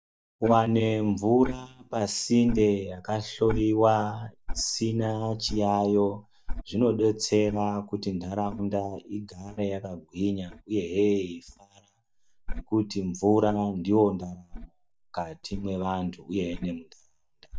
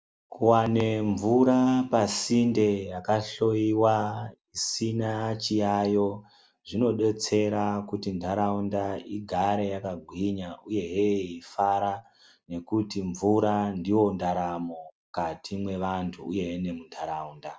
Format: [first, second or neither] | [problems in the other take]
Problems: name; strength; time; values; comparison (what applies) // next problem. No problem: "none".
second | noise reduction (neural mask model DeepFilterNet 3)